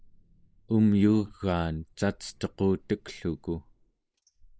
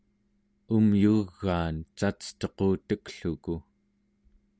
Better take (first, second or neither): second